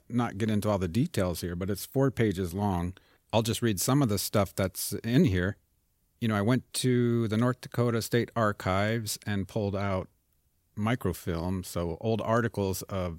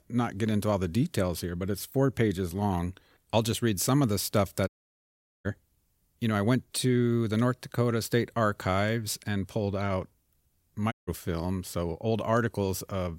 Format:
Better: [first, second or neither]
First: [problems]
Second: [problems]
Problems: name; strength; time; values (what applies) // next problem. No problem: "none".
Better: first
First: none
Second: audio cutting out; at 4.5 s for 1 s and at 11 s